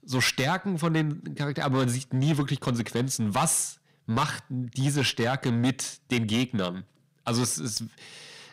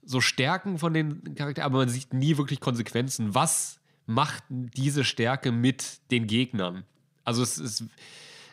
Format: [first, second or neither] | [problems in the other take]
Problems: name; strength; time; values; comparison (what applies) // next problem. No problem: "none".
second | distortion; slight; 6% of the sound clipped